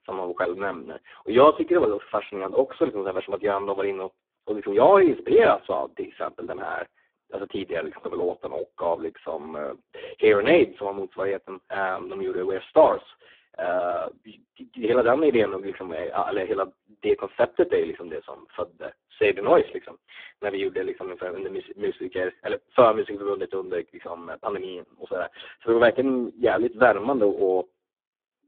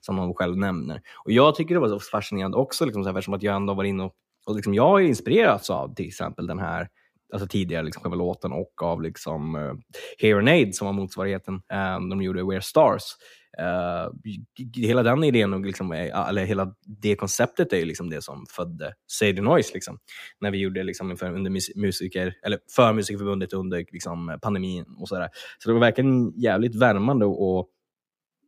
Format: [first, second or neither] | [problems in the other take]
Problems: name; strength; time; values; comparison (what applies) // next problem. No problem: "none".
second | phone-call audio; poor line